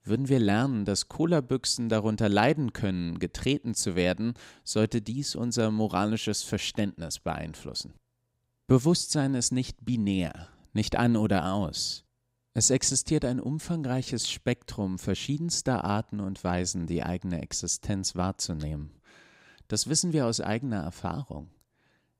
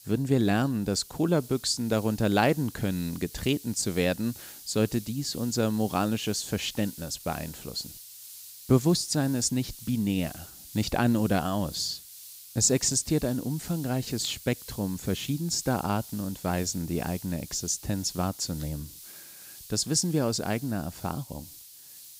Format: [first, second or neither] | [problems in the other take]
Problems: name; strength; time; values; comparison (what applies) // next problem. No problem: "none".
first | hiss; noticeable; throughout; 15 dB below the speech